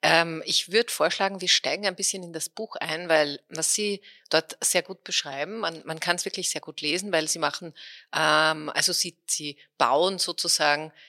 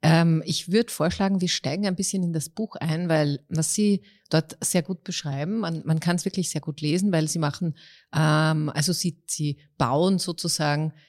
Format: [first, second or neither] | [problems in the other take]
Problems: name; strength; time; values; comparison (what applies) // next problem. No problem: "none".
second | thin; very; fading below 550 Hz